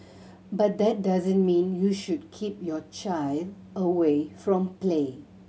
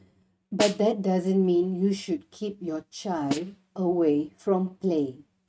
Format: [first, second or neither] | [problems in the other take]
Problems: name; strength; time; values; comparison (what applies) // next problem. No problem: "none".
first | noise reduction (neural mask model RNNoise)